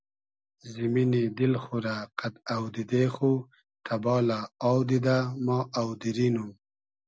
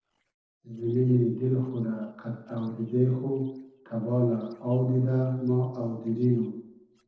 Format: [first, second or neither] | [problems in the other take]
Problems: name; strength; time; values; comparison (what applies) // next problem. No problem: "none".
first | noise reduction (neural separator model SepFormer DNS4)